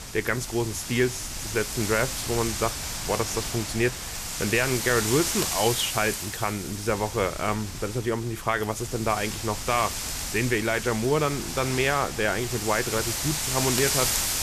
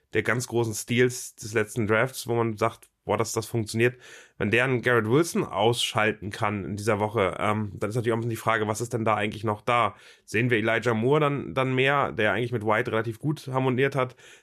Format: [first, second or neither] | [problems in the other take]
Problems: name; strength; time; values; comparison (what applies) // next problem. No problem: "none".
second | wind noise on the microphone; heavy; 4 dB below the speech